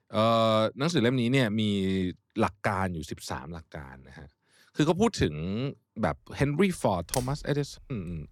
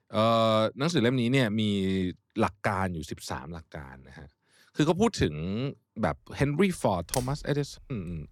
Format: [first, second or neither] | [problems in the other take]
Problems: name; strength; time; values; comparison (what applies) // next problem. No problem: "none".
neither | household noises; noticeable; from 6.5 s on; 15 dB below the speech; the same in both